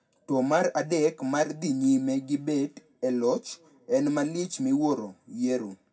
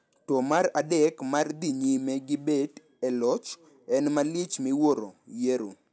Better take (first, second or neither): second